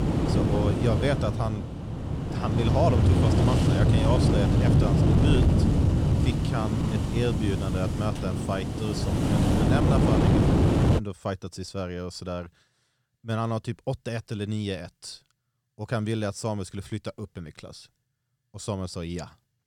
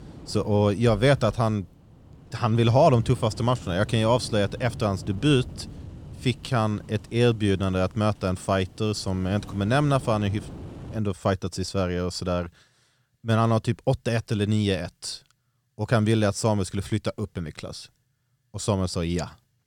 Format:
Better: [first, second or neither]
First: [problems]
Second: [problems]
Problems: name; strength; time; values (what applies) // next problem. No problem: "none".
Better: second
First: wind noise on the microphone; heavy; until 11 s; 2 dB above the speech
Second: wind noise on the microphone; occasional gusts; until 11 s; 20 dB below the speech